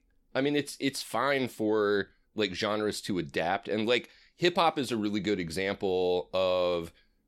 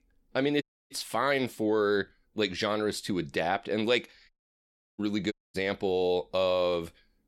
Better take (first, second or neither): first